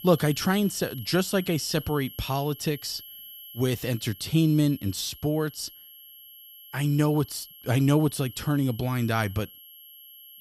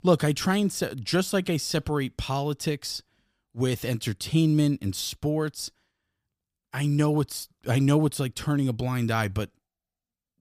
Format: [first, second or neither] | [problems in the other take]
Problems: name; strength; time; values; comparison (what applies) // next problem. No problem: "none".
second | high-pitched whine; noticeable; throughout; 11.5 kHz, 15 dB below the speech